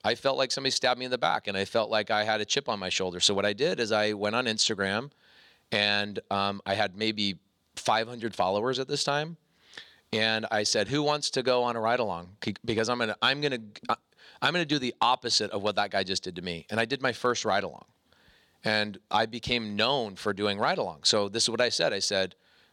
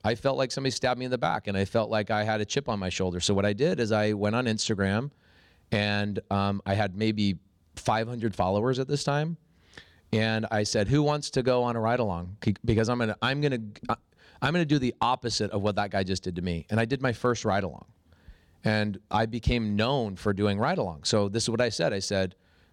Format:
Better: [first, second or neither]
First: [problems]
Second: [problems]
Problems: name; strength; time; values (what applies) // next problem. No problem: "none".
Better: second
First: thin; somewhat; fading below 550 Hz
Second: none